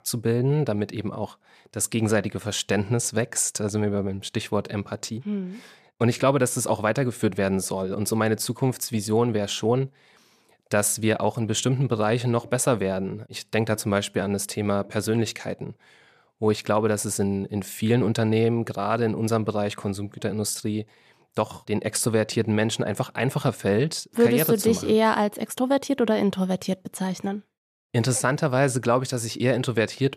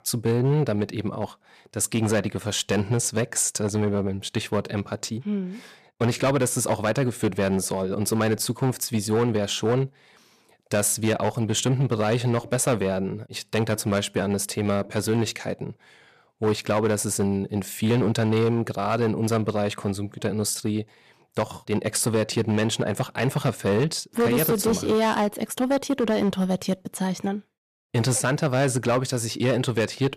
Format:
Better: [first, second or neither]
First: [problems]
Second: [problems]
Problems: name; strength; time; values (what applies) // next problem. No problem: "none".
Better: first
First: none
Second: distortion; slight; 7% of the sound clipped